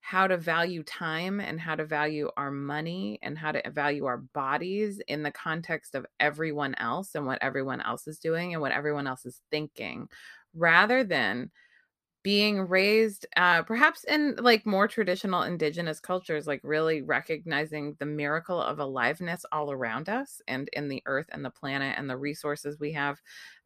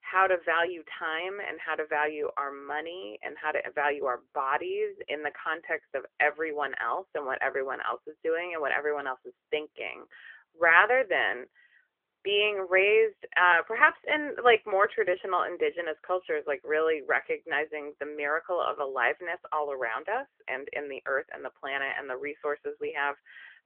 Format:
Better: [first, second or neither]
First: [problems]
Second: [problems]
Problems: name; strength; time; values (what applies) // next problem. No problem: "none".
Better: first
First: none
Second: phone-call audio; nothing above 3 kHz